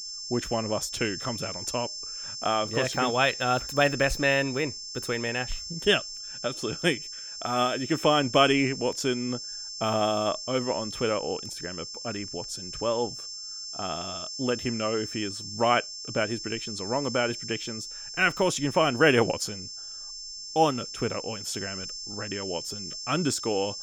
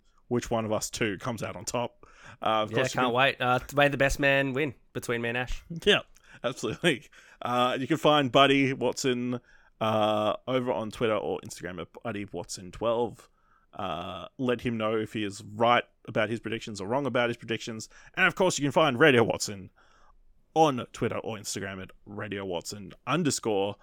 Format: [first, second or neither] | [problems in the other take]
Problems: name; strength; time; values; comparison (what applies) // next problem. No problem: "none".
second | high-pitched whine; loud; throughout; 5.5 kHz, 8 dB below the speech